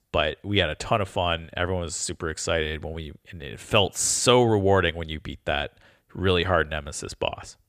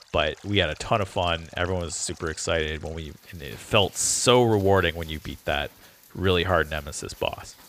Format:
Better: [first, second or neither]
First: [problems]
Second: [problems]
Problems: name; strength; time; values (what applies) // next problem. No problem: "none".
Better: first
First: none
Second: rain or running water; faint; throughout; 25 dB below the speech